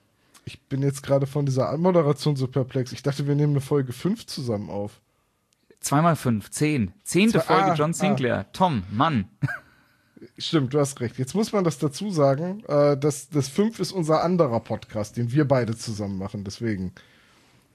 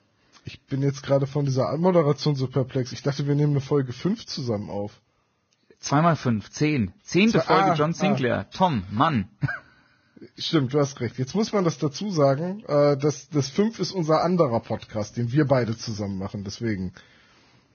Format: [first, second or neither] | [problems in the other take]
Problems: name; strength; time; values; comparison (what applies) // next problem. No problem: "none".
first | garbled, watery; badly; nothing above 6.5 kHz; slightly in the first